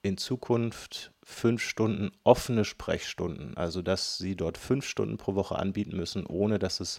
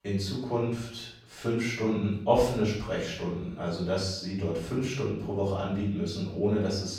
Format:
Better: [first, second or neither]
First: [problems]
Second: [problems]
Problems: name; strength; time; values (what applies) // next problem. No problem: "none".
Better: first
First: none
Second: off-mic speech; far // room echo; noticeable; dies away in 0.6 s